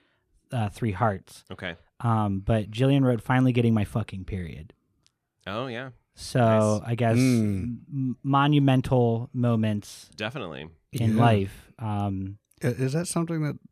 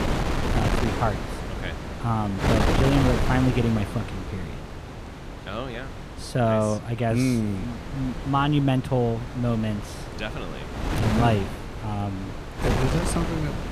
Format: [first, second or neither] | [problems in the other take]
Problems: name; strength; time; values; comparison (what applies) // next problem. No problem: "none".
first | wind noise on the microphone; heavy; 3 dB below the speech